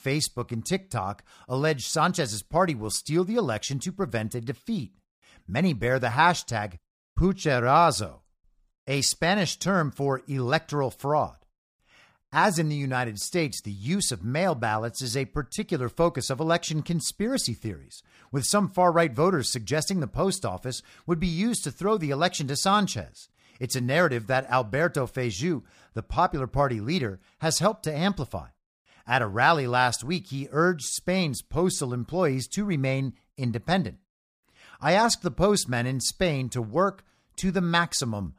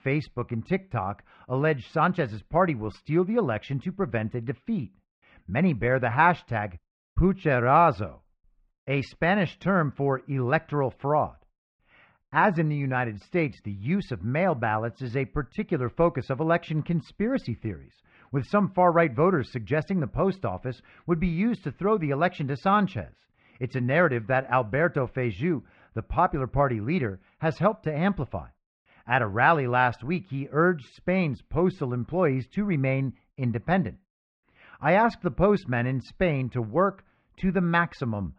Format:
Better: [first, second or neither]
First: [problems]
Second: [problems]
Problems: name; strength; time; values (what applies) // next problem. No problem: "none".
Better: first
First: none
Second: muffled; very; fading above 2.5 kHz